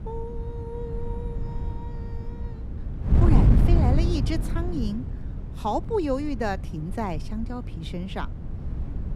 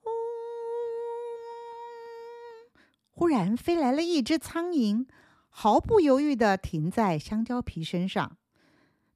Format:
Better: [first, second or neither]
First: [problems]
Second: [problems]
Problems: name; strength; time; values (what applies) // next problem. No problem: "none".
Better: second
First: wind noise on the microphone; heavy; 7 dB below the speech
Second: none